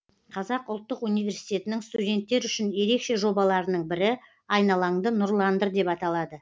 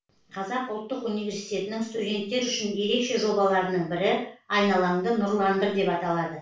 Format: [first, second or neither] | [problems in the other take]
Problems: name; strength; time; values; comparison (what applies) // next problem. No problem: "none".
first | room echo; dies away in 0.4 s